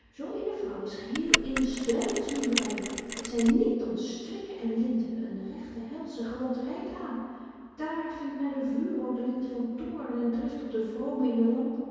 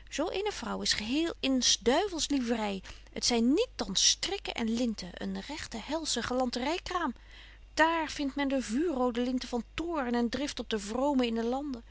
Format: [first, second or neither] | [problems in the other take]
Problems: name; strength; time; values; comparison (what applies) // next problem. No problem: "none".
second | background sound (Mechanisms); 2 dB below the speech // room echo; dies away in 2.2 s